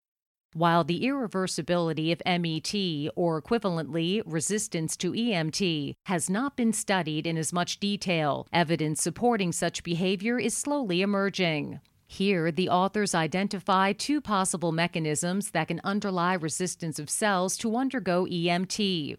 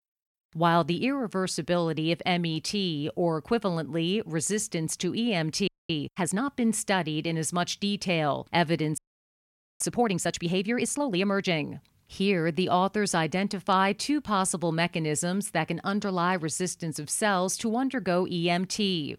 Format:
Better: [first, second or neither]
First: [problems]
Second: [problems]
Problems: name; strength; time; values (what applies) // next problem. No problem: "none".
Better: first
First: none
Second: audio freezing; at 5.5 s and at 9 s for 1 s